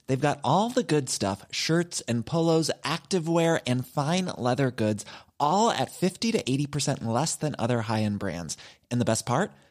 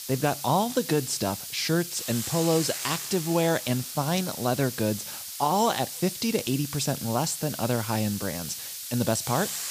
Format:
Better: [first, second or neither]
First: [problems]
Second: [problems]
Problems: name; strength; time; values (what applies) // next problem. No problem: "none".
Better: first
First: none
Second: hiss; loud; throughout; 6 dB below the speech